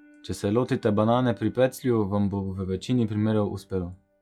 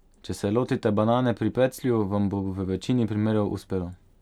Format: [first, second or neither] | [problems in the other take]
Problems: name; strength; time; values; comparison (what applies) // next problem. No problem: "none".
second | noise reduction (classical method log-MMSE)